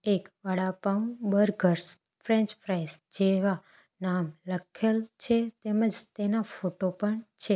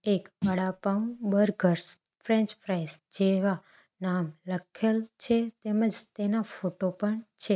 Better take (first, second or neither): first